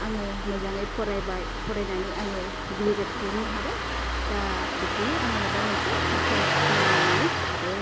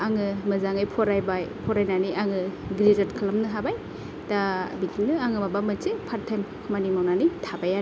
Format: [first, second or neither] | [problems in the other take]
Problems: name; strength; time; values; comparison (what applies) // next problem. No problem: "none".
second | background sound (Engine starting); 4 dB above the speech